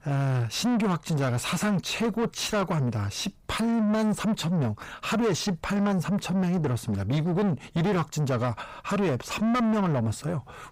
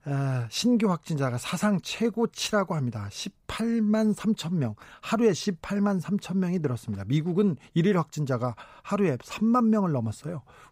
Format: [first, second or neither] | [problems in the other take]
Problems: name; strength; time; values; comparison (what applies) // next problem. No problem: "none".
second | distortion; heavy; 7 dB below the speech